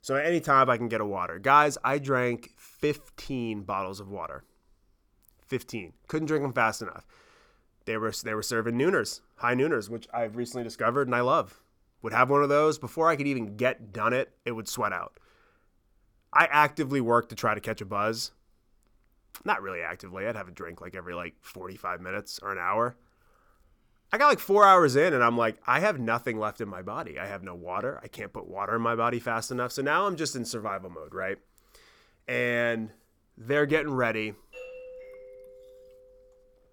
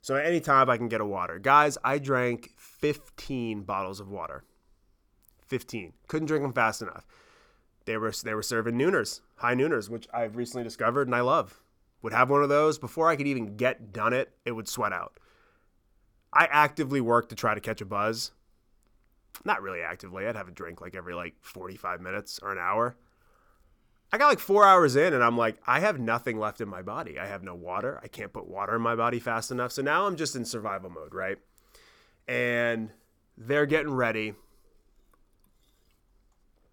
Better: second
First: doorbell; faint; from 35 s on; peak 15 dB below the speech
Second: none

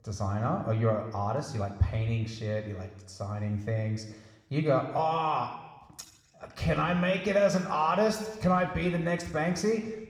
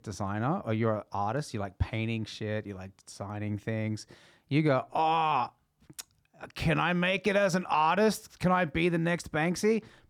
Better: second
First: room echo; slight; dies away in 0.9 s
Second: none

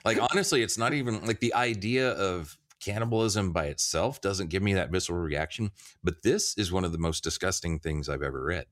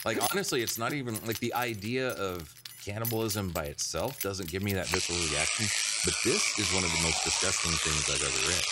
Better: first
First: none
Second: household noises; very loud; throughout; 4 dB above the speech

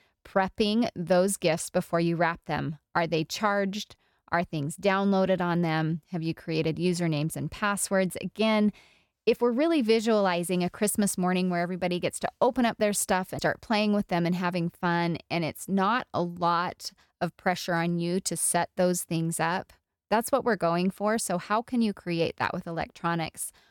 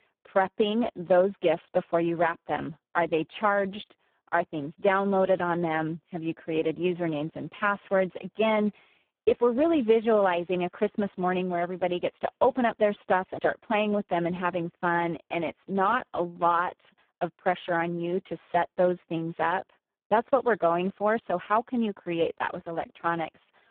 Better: first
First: none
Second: phone-call audio; poor line

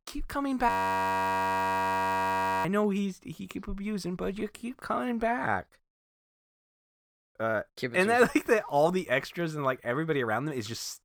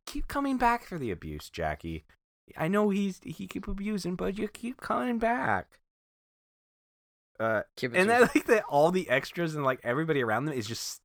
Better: second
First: audio freezing; at 0.5 s for 2 s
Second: none

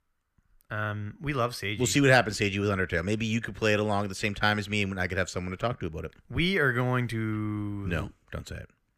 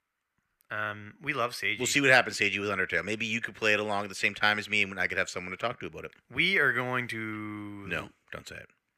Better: first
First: none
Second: thin; somewhat; fading below 750 Hz

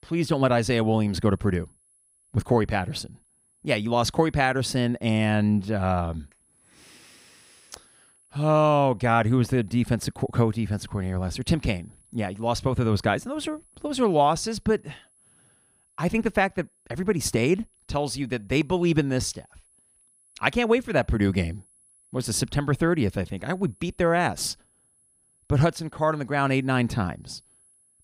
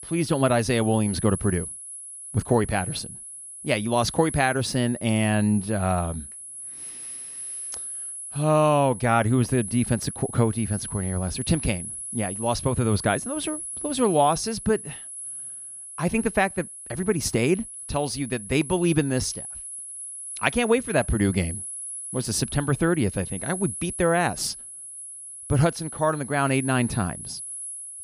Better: first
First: high-pitched whine; faint; throughout; 10.5 kHz, 35 dB below the speech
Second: high-pitched whine; loud; throughout; 10.5 kHz, 9 dB below the speech

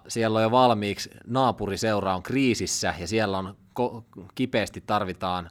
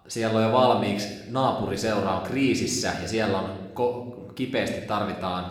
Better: first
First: none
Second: room echo; slight; dies away in 0.9 s

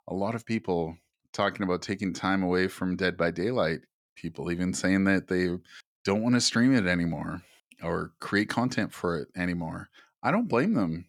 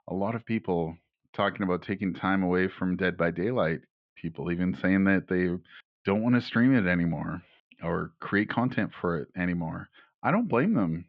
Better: first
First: none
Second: muffled; very; fading above 3.5 kHz

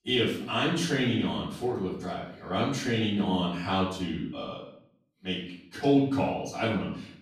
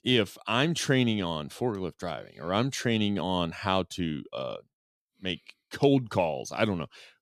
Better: second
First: off-mic speech; far // room echo; noticeable; dies away in 0.6 s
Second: none

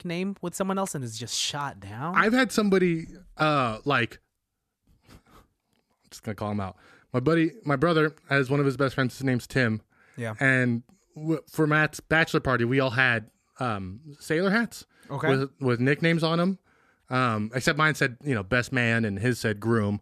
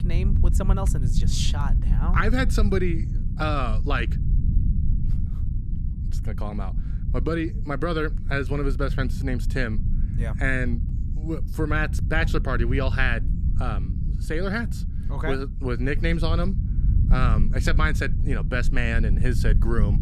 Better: first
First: none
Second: low rumble; noticeable; throughout; 15 dB below the speech

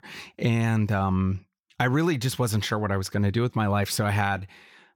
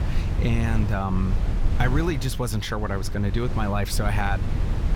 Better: first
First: none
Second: wind noise on the microphone; heavy; 10 dB below the speech

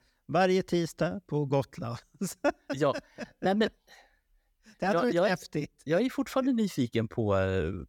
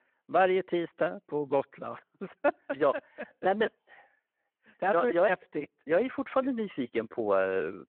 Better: first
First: none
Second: phone-call audio

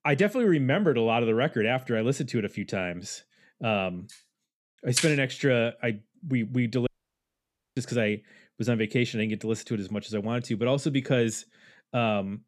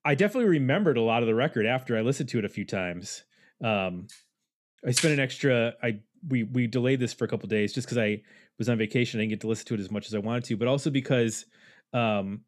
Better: second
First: audio cutting out; at 7 s for 1 s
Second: none

